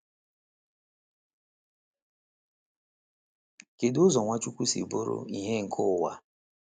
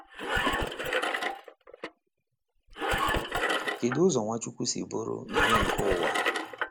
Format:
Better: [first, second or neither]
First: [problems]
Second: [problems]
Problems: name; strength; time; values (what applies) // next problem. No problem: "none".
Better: first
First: none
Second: background sound (Engine); 3 dB above the speech